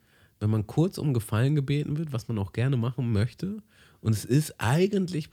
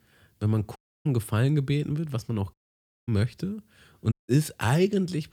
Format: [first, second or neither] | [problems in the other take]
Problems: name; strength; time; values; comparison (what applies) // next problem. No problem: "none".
first | audio cutting out; at 1 s, at 2.5 s for 0.5 s and at 4 s